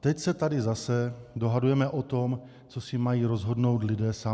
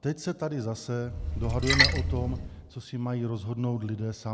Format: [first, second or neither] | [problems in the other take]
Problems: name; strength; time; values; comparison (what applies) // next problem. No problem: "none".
first | background sound (Splash, splatter); 3 dB above the speech